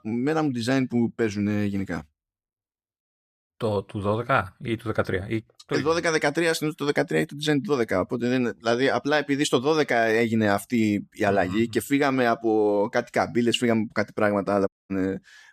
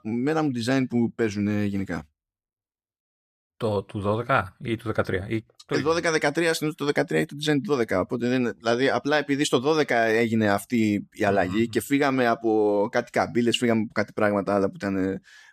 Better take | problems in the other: second | audio cutting out; at 15 s

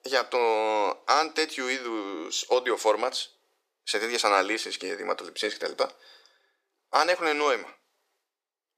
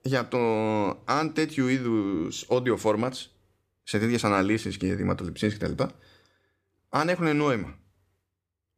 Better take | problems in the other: second | thin; very; fading below 450 Hz

